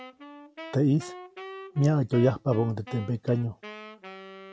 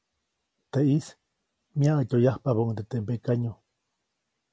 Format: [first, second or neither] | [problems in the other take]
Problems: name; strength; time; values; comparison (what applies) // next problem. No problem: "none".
second | background sound (Wind instrument, woodwind instrument); 16 dB below the speech